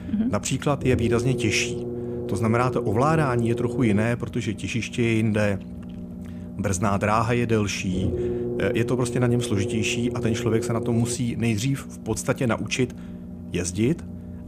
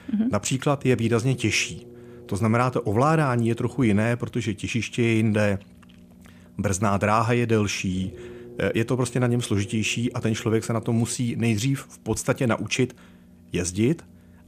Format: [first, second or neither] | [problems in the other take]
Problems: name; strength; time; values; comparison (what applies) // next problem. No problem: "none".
second | low rumble; loud; throughout; 9 dB below the speech; faint in the second